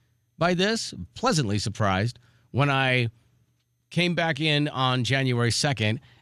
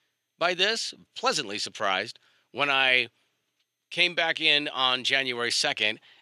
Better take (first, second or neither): first